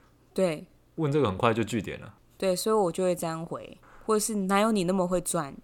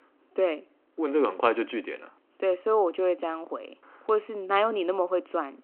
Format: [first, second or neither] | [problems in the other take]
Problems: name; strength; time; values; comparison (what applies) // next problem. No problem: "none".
first | phone-call audio